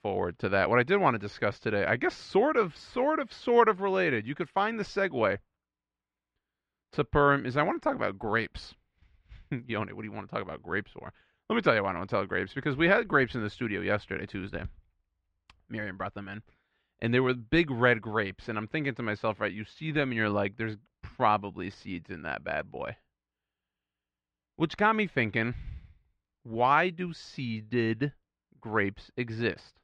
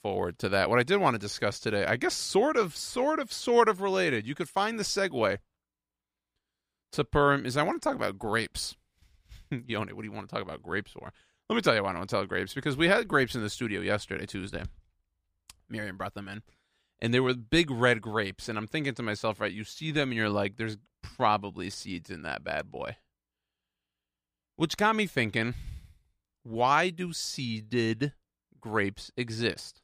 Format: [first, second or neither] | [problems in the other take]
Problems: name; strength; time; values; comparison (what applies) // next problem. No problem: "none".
second | muffled; slightly; fading above 2.5 kHz